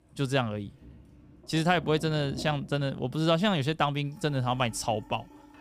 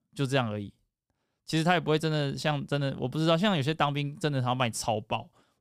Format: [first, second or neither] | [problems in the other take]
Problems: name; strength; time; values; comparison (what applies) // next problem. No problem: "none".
second | household noises; faint; throughout; 20 dB below the speech